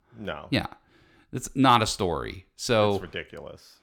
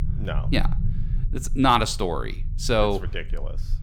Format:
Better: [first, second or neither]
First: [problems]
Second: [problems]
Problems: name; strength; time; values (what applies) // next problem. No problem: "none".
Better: first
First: none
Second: low rumble; faint; throughout; 20 dB below the speech